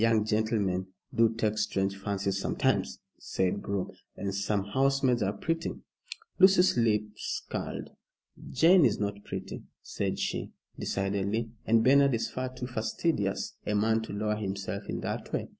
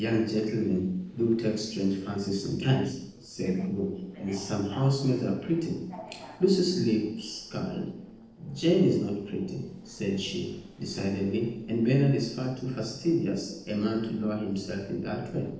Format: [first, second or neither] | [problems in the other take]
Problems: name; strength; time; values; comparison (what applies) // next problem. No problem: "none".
first | noise reduction (neural separator model SepFormer DNS4)